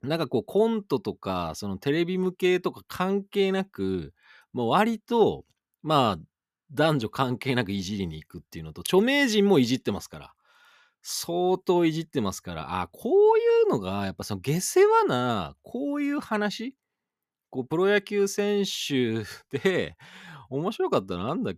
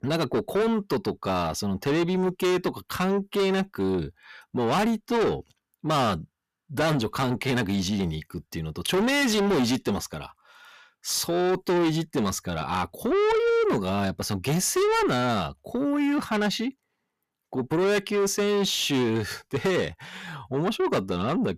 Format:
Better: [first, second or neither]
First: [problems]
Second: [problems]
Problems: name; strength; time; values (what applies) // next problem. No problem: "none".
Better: first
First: none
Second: distortion; heavy; 6 dB below the speech